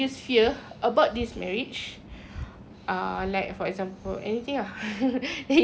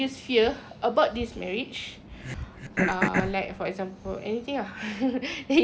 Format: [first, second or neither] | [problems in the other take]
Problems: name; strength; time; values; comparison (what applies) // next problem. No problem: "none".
first | background sound (Cough); 2 dB below the speech